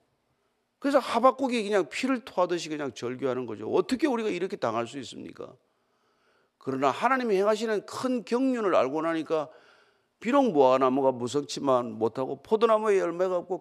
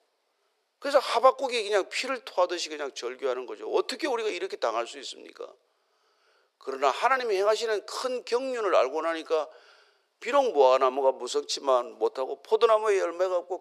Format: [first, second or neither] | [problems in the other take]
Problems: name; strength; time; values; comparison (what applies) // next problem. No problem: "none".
first | thin; very; fading below 450 Hz